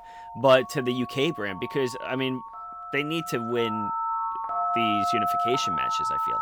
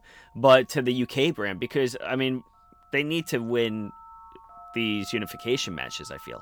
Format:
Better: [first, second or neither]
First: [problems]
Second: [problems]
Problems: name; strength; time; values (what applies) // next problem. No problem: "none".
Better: second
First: alarms or sirens; loud; throughout; 1 dB below the speech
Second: alarms or sirens; faint; throughout; 20 dB below the speech